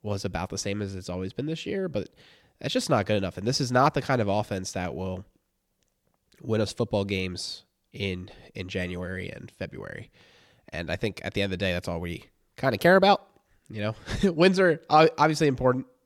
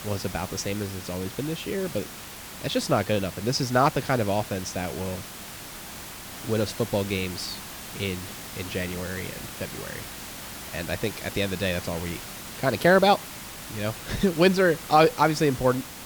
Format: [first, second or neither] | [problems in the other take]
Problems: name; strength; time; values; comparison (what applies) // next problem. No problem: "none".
first | hiss; noticeable; throughout; 10 dB below the speech